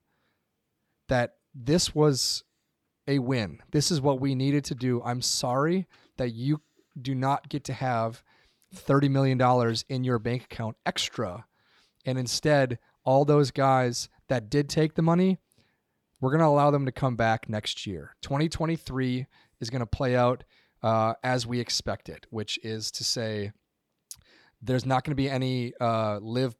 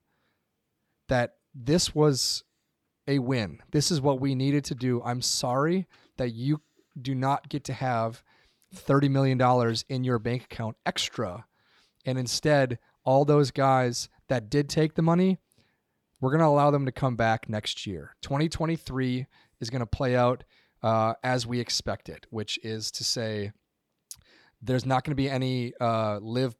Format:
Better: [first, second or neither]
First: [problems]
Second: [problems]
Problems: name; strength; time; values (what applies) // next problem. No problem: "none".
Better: neither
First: none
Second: none